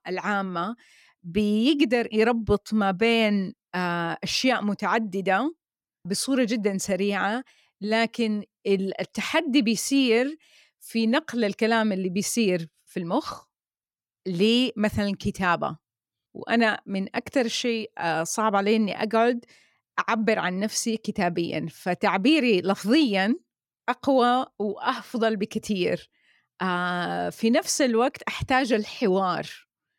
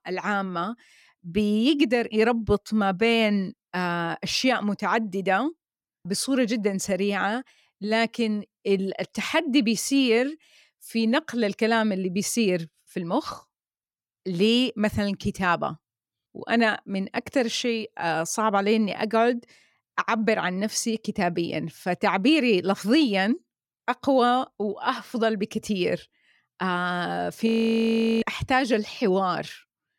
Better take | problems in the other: first | audio freezing; at 27 s for 1 s

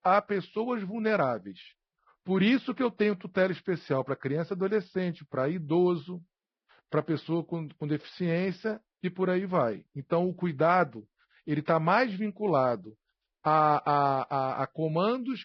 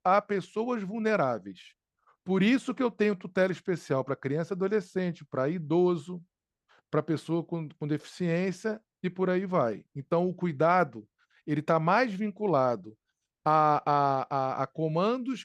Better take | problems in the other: second | garbled, watery; badly; nothing above 5.5 kHz

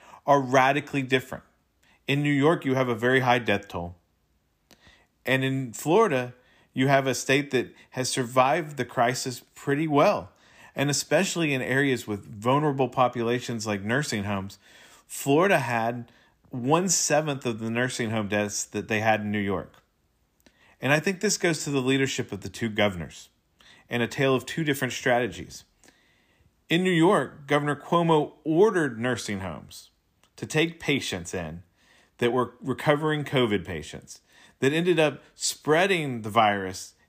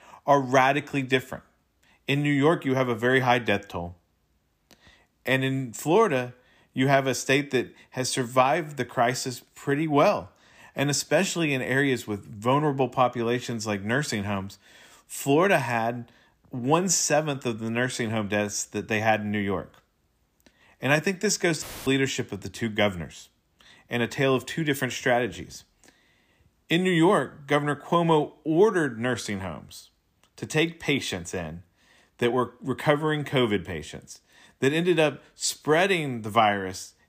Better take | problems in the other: first | audio cutting out; filled with static; at 22 s

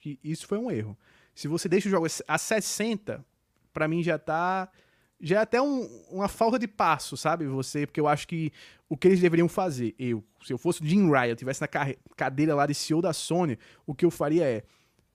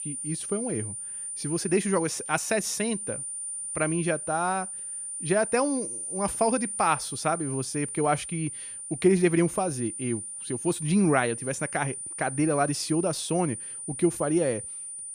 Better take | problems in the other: first | high-pitched whine; loud; throughout; 9 kHz, 6 dB below the speech

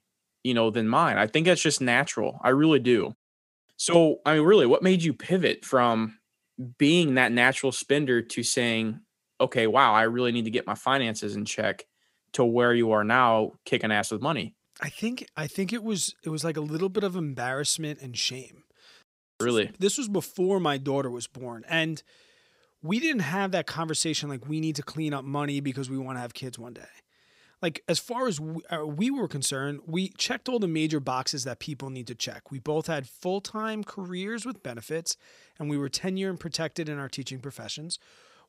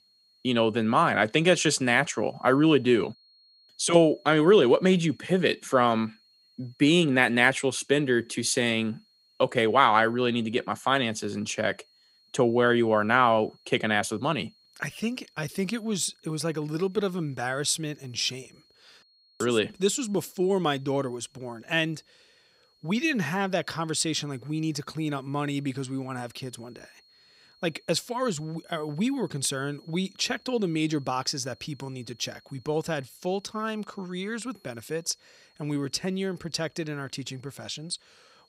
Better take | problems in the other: first | high-pitched whine; faint; throughout; 4.5 kHz, 35 dB below the speech

